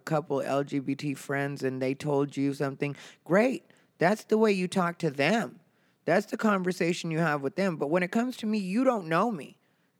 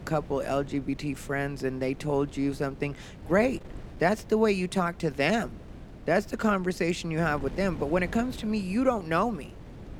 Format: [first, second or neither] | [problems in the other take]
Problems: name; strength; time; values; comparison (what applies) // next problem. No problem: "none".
first | wind noise on the microphone; occasional gusts; 20 dB below the speech